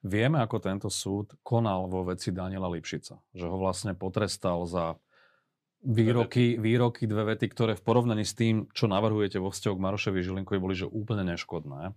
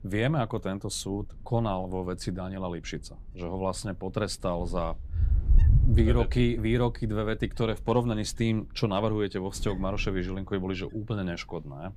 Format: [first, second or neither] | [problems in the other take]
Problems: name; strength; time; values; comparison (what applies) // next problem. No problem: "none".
first | wind noise on the microphone; occasional gusts; 15 dB below the speech